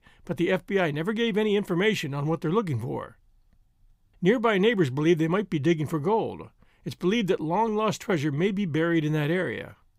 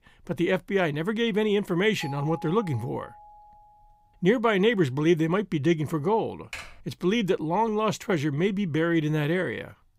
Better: first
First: none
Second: doorbell; faint; from 2 to 3.5 s; peak 15 dB below the speech // keyboard typing; faint; at 6.5 s; peak 15 dB below the speech

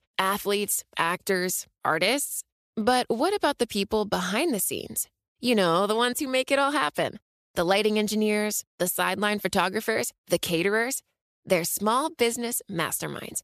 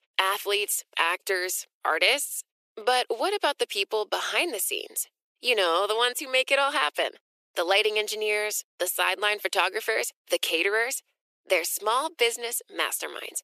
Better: first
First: none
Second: thin; very; fading below 350 Hz

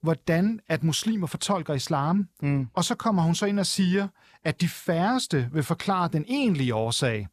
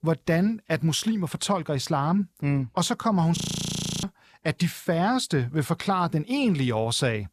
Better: first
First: none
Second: audio freezing; at 3.5 s for 0.5 s

